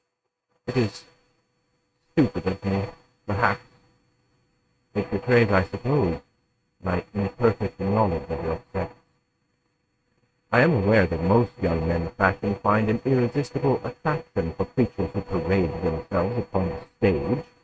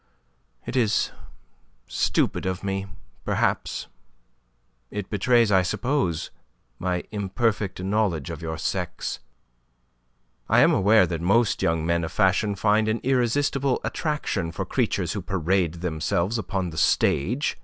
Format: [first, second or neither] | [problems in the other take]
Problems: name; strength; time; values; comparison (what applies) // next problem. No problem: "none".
second | noise reduction (neural mask model RNNoise)